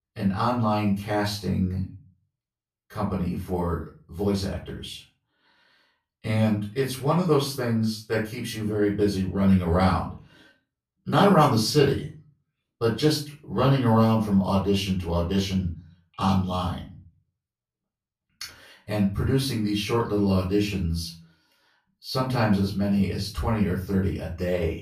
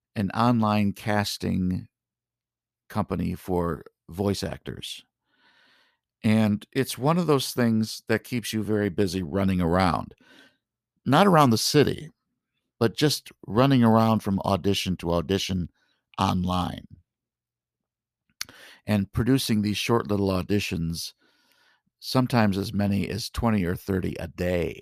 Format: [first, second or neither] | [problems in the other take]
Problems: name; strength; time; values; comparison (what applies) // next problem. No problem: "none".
second | off-mic speech; far // room echo; slight; dies away in 0.3 s